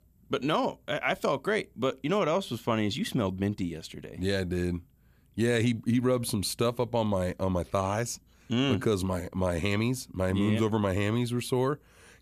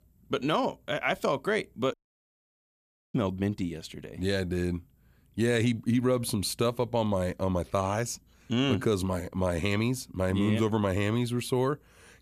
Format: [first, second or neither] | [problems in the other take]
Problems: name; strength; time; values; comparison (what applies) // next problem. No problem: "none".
first | audio cutting out; at 2 s for 1 s